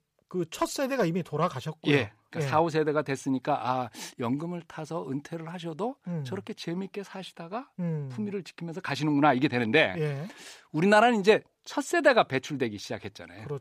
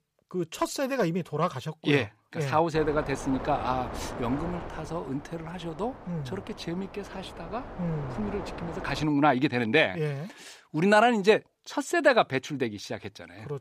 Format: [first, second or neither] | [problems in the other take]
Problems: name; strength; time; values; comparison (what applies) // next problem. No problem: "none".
first | wind noise on the microphone; occasional gusts; from 3 to 9 s; 15 dB below the speech